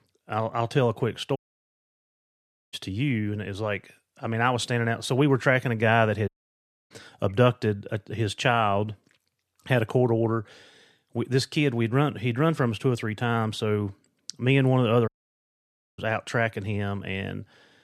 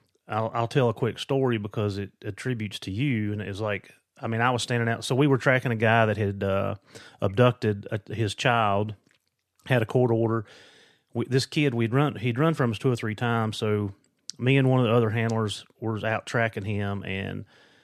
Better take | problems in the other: second | audio cutting out; at 1.5 s for 1.5 s, at 6.5 s for 0.5 s and at 15 s for 1 s

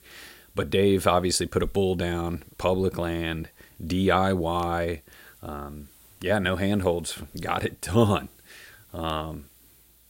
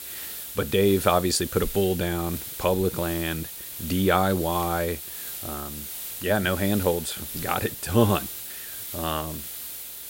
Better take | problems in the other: first | hiss; loud; throughout; 8 dB below the speech; faint in the first

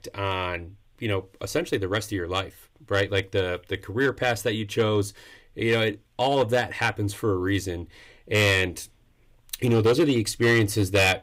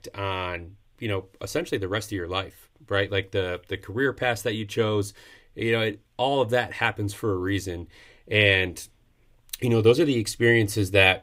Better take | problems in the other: second | distortion; slight; 3% of the sound clipped

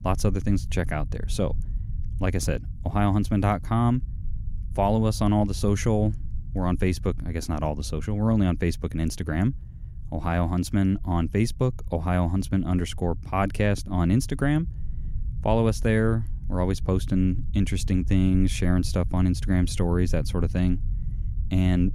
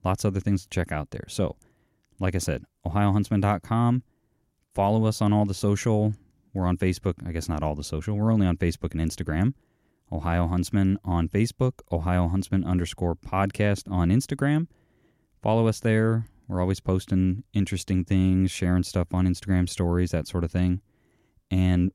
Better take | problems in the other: second | low rumble; faint; throughout; 20 dB below the speech

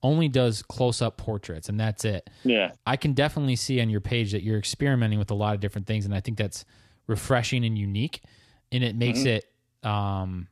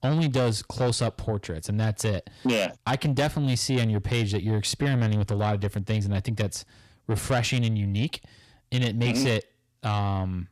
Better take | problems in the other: first | distortion; slight; 10 dB below the speech

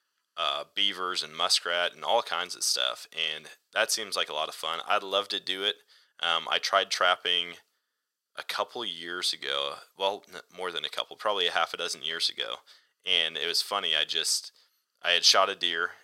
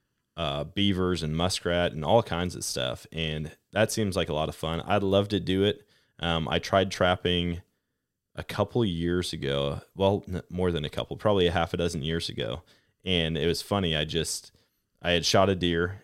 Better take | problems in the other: second | thin; very; fading below 850 Hz

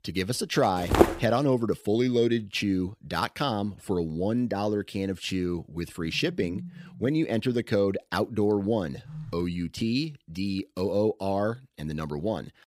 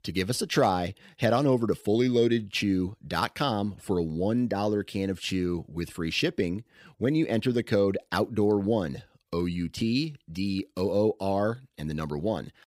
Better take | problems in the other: second | footsteps; loud; at 1 s; peak 6 dB above the speech // phone ringing; faint; from 6 to 7 s and at 9 s; peak 10 dB below the speech

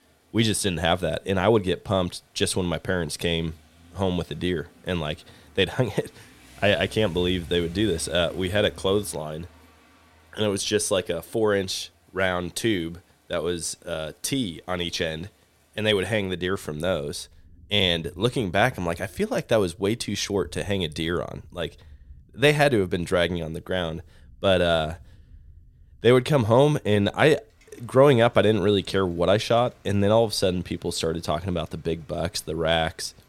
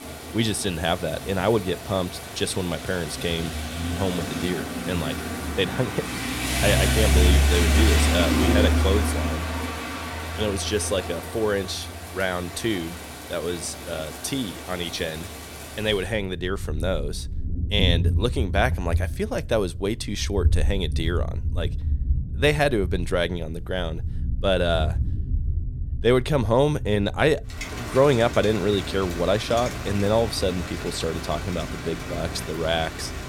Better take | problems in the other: first | rain or running water; loud; throughout; 2 dB below the speech; faint in the first

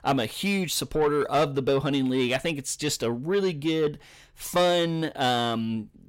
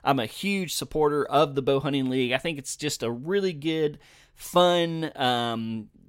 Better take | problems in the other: second | distortion; slight; 10 dB below the speech

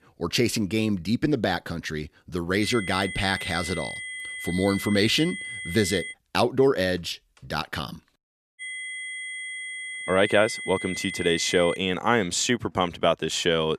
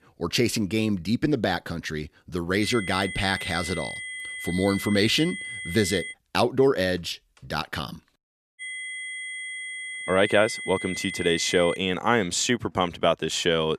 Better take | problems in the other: neither | high-pitched whine; loud; from 2.5 to 6 s and from 8.5 to 12 s; 2 kHz, 8 dB below the speech; the same in both

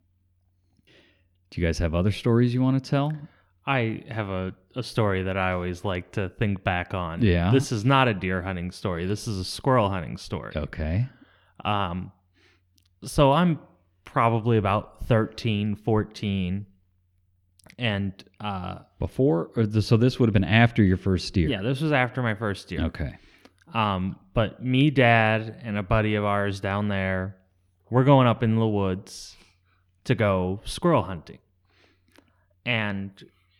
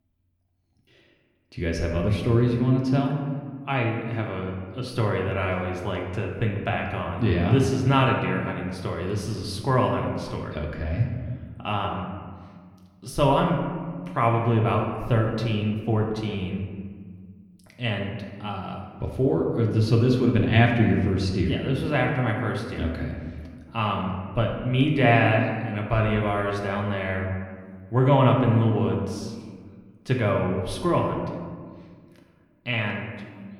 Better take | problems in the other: first | room echo; noticeable; dies away in 1.4 s // off-mic speech; somewhat distant

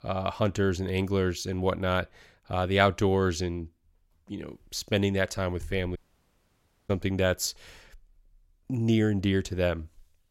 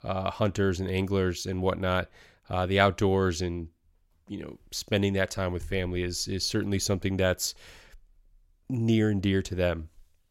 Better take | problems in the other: second | audio cutting out; at 6 s for 1 s

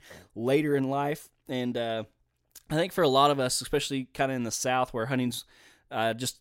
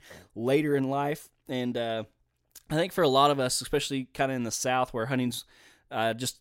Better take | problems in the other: neither | none

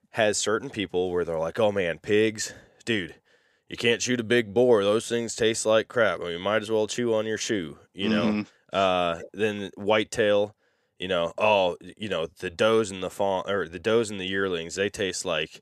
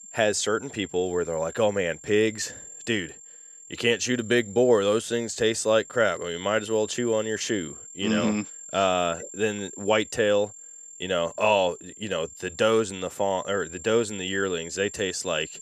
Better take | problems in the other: first | high-pitched whine; noticeable; throughout; 7.5 kHz, 15 dB below the speech

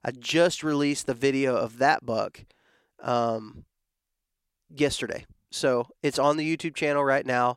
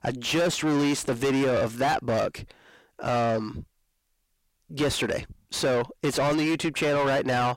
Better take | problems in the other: first | distortion; heavy; 6 dB below the speech

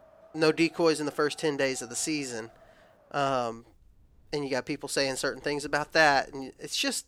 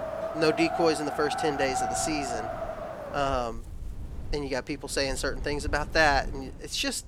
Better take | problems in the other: first | wind in the background; loud; throughout; 6 dB below the speech; faint in the first

